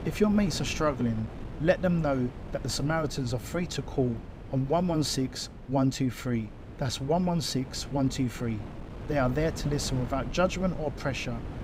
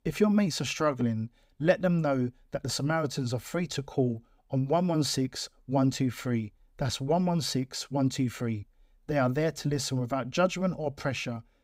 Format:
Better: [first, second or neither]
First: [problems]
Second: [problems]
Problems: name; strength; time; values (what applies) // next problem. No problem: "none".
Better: second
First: wind noise on the microphone; occasional gusts; 15 dB below the speech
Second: none